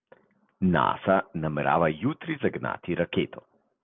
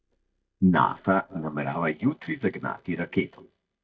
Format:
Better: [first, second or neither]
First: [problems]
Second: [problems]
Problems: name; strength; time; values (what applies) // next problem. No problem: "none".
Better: first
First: none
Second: noise reduction (neural mask model DeepFilterNet 3)